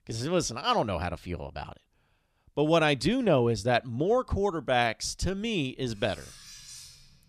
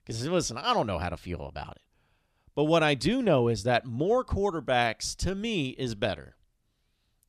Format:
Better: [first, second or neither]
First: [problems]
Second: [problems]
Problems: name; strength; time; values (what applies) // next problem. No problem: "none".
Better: second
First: clattering dishes; faint; from 6 s on; peak 15 dB below the speech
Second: none